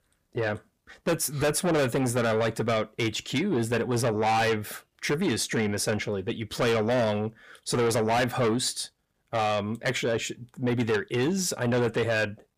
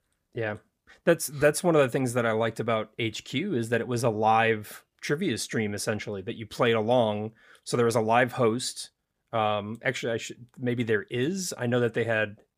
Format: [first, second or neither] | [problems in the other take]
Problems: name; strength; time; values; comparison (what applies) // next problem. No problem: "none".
second | distortion; heavy; 6 dB below the speech